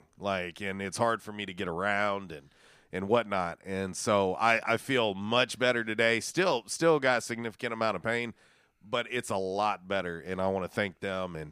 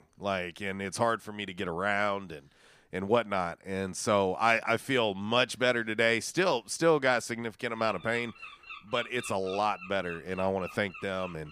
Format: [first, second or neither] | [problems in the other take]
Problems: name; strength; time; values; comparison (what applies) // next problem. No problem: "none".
first | animal sounds; noticeable; throughout; 15 dB below the speech